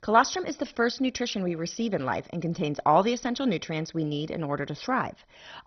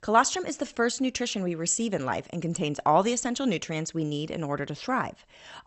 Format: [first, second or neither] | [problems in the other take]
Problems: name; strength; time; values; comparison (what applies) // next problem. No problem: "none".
second | garbled, watery; badly; nothing above 6 kHz; slightly in the second